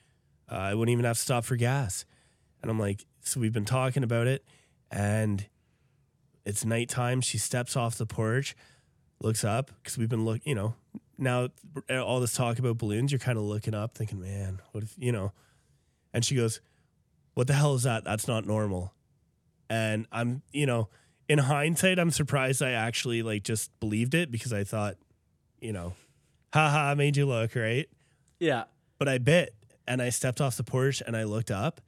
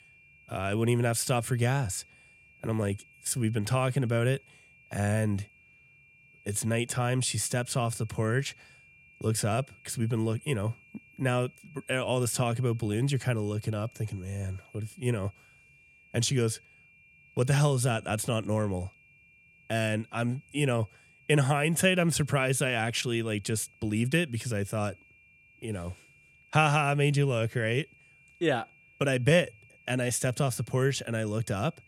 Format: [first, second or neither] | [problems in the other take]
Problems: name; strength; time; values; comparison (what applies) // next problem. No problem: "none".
first | high-pitched whine; faint; throughout; 2.5 kHz, 30 dB below the speech